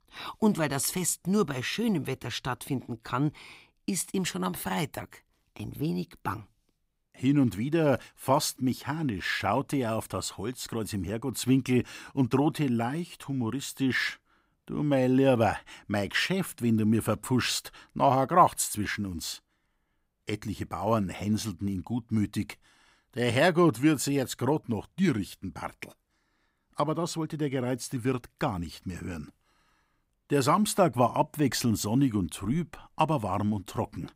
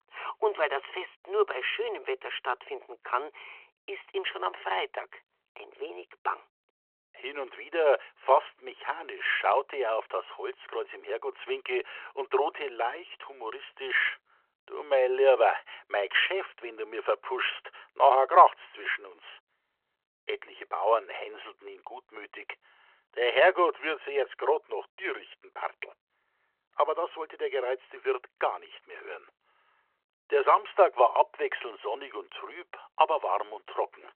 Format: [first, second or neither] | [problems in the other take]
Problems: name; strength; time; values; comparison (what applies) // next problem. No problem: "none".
first | phone-call audio